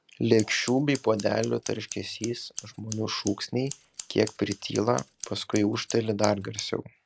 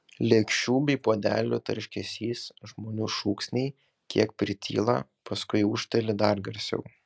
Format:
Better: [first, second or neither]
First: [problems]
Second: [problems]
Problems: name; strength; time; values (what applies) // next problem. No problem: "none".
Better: second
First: background sound (Scissors); 15 dB below the speech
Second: none